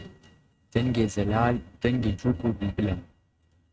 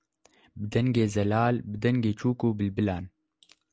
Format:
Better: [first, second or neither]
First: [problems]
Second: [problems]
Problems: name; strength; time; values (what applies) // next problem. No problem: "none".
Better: second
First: noise reduction (neural mask model RNNoise)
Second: none